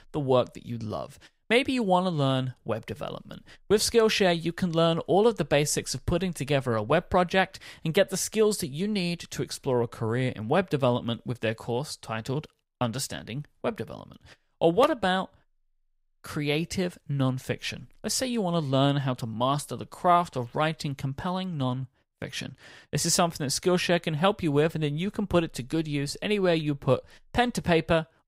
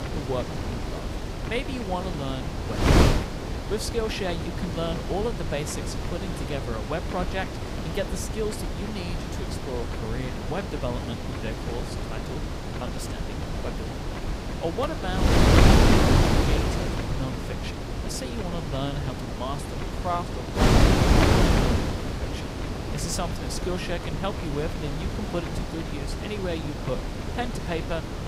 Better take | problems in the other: first | wind noise on the microphone; heavy; 3 dB above the speech

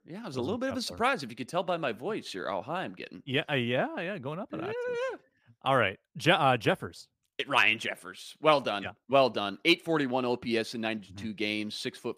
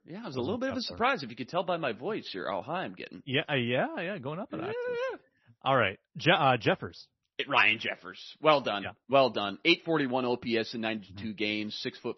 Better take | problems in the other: first | garbled, watery; slightly; nothing above 6 kHz

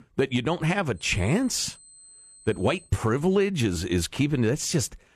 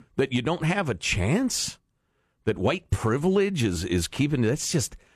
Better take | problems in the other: second | high-pitched whine; faint; from 1 to 3 s; 8 kHz, 25 dB below the speech

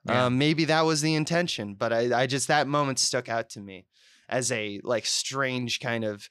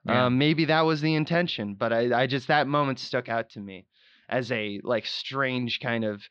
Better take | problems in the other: first | muffled; slightly; fading above 4 kHz

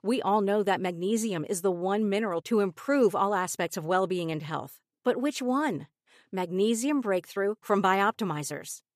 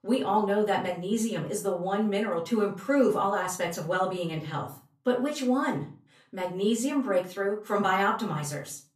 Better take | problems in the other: first | room echo; slight; dies away in 0.3 s // off-mic speech; far

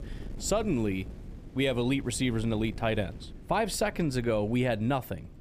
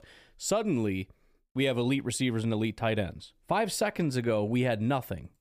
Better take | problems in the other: second | wind noise on the microphone; occasional gusts; 20 dB below the speech

